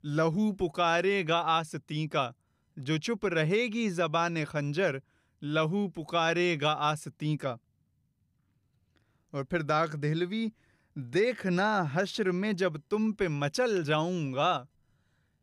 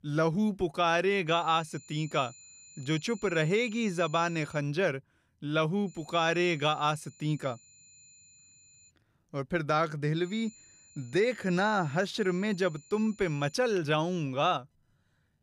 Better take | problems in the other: first | high-pitched whine; faint; from 1.5 to 4.5 s, from 6 to 9 s and from 10 to 14 s; 7 kHz, 25 dB below the speech

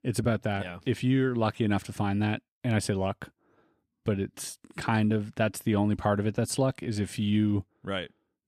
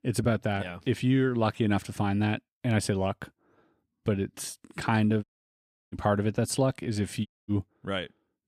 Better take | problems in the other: first | audio cutting out; at 5 s for 0.5 s and at 7.5 s

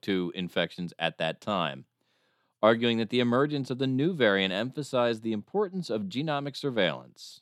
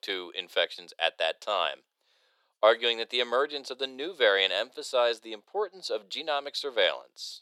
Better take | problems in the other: first | thin; very; fading below 500 Hz

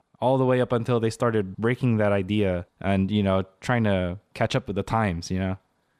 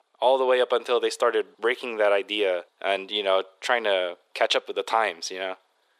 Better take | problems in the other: first | thin; very; fading below 400 Hz

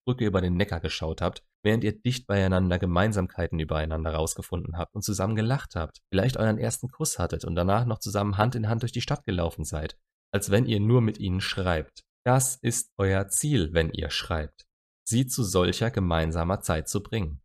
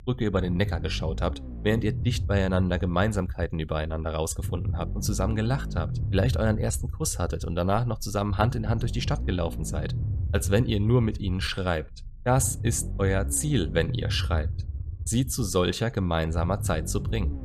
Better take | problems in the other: first | low rumble; noticeable; throughout; 15 dB below the speech

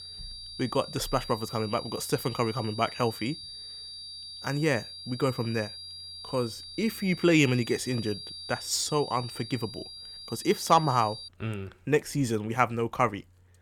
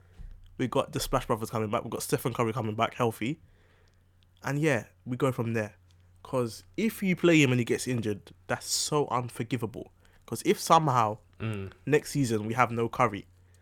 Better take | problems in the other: second | high-pitched whine; noticeable; until 11 s; 4.5 kHz, 10 dB below the speech

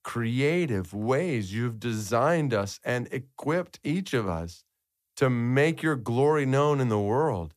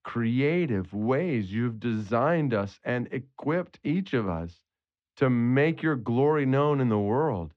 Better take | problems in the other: first | muffled; slightly; fading above 3.5 kHz

